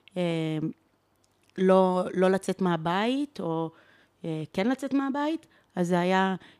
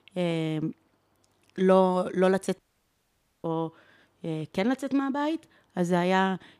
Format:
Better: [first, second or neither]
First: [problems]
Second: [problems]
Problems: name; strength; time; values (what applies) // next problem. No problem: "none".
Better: first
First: none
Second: audio cutting out; at 2.5 s for 1 s